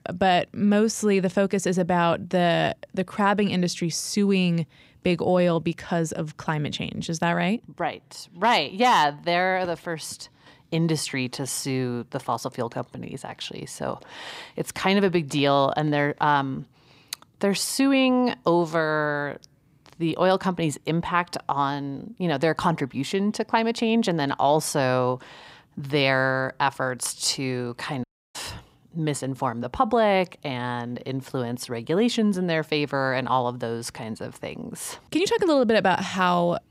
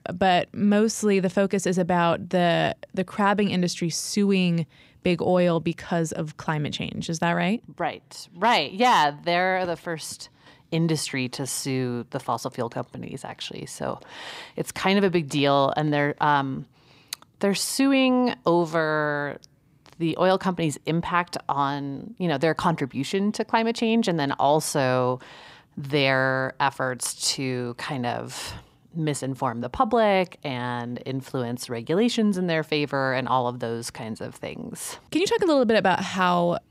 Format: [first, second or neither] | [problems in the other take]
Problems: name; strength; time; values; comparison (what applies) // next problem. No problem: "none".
second | audio cutting out; at 28 s